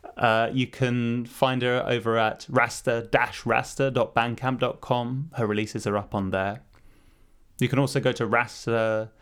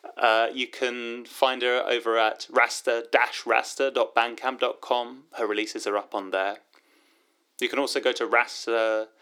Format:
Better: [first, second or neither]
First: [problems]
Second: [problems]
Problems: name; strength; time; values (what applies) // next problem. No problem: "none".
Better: first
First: none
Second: thin; somewhat; fading below 300 Hz